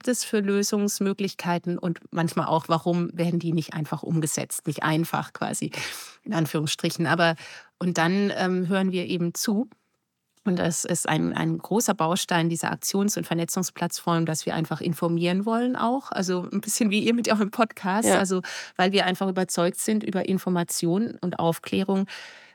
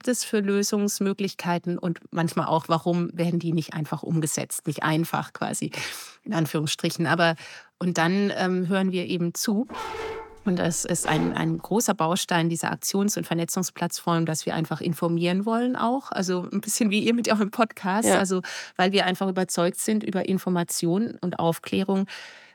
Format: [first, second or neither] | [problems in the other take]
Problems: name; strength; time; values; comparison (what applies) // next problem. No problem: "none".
first | dog barking; noticeable; from 9.5 to 12 s; peak 7 dB below the speech